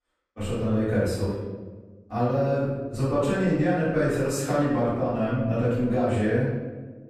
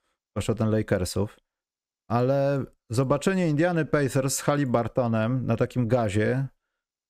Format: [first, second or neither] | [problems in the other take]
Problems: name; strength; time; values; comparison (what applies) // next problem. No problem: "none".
second | off-mic speech; far // room echo; strong; dies away in 1.2 s